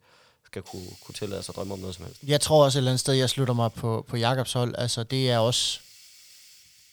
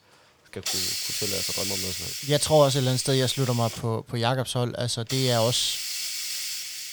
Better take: first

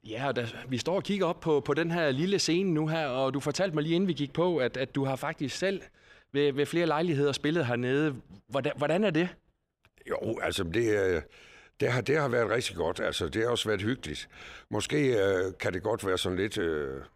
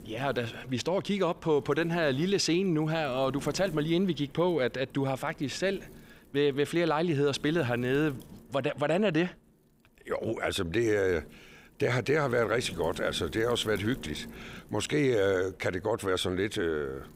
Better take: first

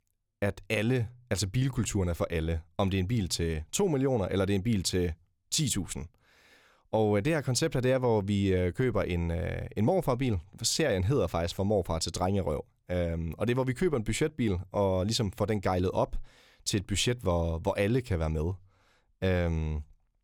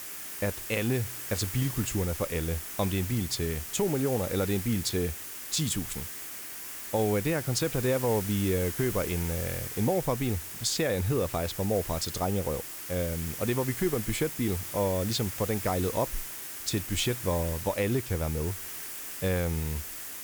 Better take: first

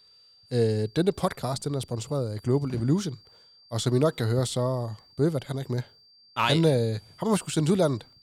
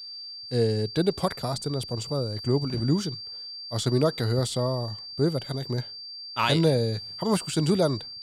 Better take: first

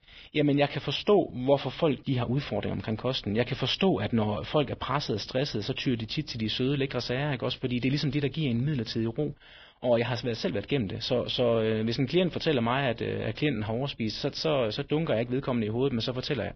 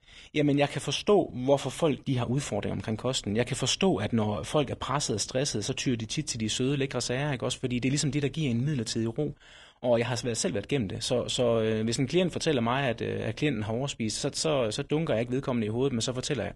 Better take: second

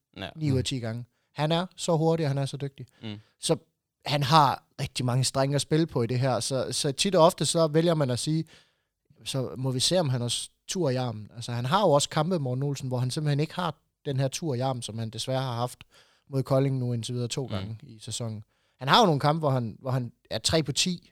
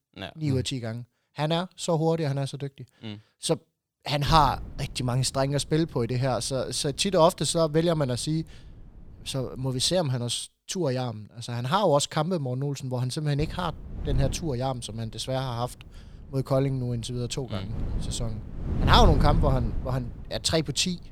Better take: first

